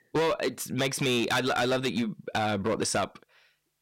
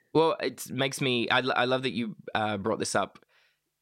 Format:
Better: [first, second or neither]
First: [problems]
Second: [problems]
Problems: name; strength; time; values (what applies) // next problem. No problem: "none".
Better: second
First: distortion; heavy; 12% of the sound clipped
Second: none